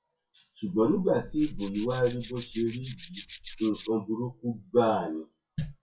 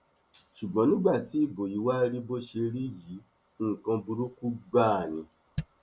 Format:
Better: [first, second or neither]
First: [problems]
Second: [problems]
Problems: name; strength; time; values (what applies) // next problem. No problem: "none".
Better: second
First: noise reduction (classical method WPE with log-MMSE)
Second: none